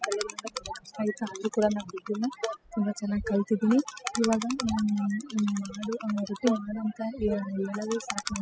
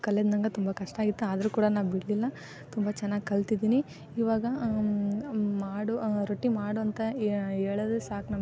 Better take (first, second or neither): second